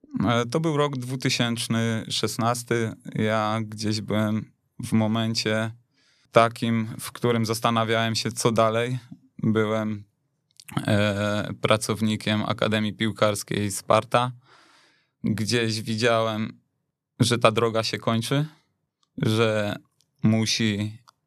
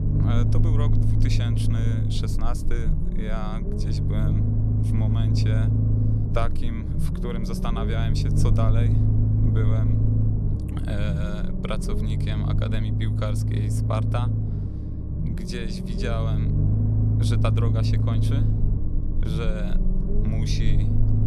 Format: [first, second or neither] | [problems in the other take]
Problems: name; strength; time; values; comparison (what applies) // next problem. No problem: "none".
first | low rumble; loud; throughout; as loud as the speech